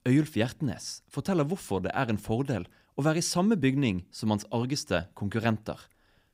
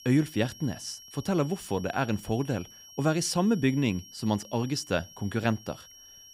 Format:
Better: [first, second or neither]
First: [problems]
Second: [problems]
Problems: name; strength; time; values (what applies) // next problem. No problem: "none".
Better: first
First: none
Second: high-pitched whine; noticeable; throughout; 5.5 kHz, 20 dB below the speech